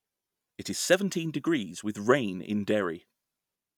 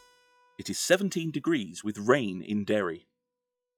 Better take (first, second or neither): first